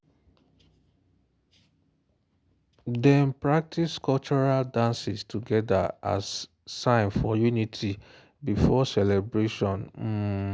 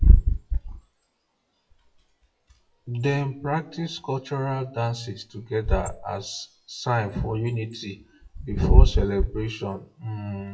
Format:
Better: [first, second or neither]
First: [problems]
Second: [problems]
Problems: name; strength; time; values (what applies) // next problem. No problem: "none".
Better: first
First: none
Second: noise reduction (classical method WPE with log-MMSE)